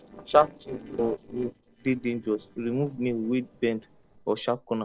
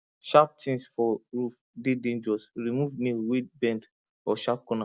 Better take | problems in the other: second | noise reduction (neural separator model SepFormer DNS4)

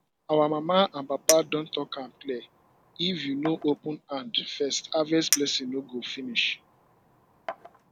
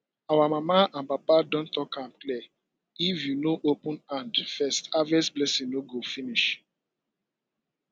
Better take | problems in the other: second | background sound (Chink, clink); 9 dB below the speech

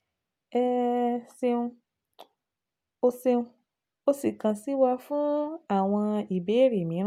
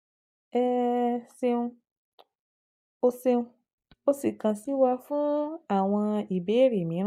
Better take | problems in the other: first | noise reduction (neural mask model DeepFilterNet 3)

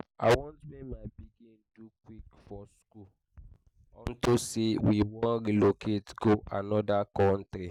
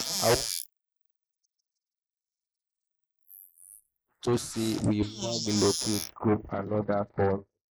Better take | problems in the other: first | noise reduction (neural mask model Resemble Enhance denoiser)

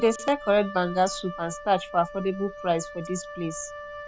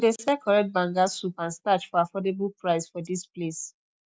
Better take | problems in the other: second | background sound (Wind instrument, woodwind instrument); 13 dB below the speech

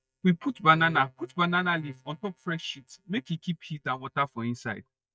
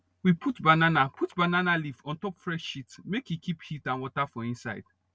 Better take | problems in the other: second | noise reduction (neural mask model DeepFilterNet 3)

